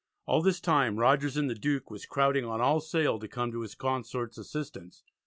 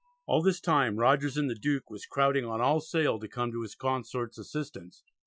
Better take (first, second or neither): first